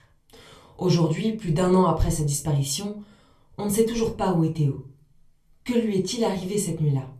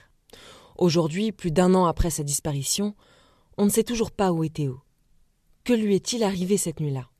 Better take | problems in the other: second | off-mic speech; somewhat distant // room echo; very slight; dies away in 0.3 s

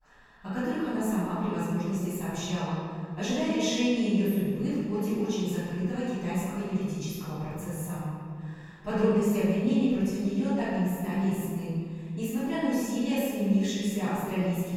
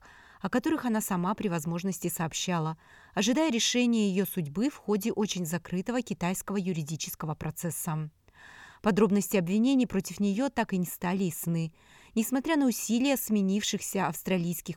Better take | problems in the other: second | off-mic speech; far // room echo; strong; dies away in 2.2 s

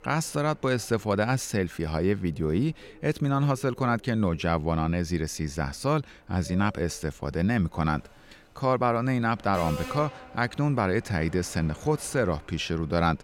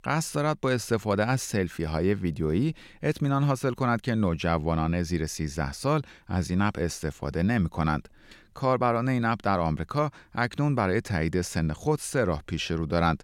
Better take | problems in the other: second | train or aircraft noise; noticeable; throughout; 20 dB below the speech

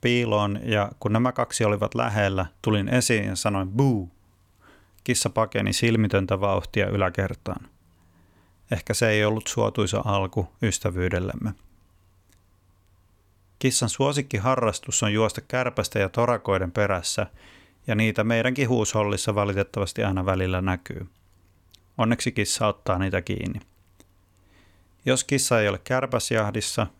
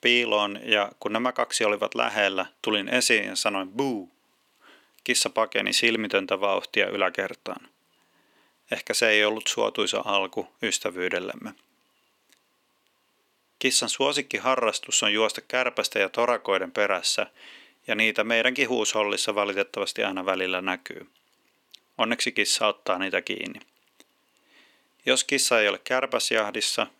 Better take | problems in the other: first | thin; somewhat; fading below 300 Hz

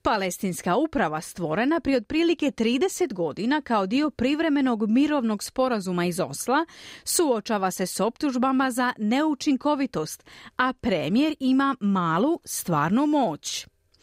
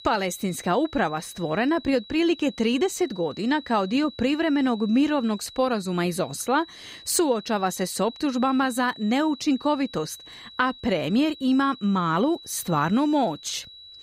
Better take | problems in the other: first | high-pitched whine; noticeable; throughout; 4 kHz, 20 dB below the speech

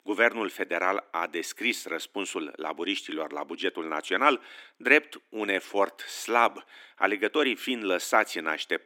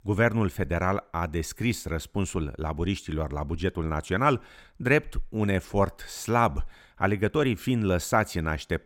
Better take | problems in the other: second | thin; somewhat; fading below 300 Hz

